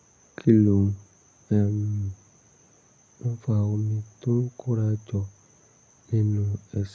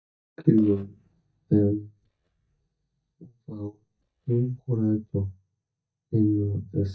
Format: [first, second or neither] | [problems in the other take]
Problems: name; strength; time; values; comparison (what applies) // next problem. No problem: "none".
first | noise reduction (neural mask model DeepFilterNet 3)